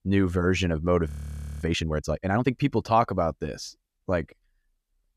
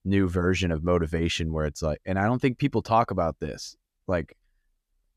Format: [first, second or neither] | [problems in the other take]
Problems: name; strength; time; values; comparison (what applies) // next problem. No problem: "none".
second | audio freezing; at 1 s for 0.5 s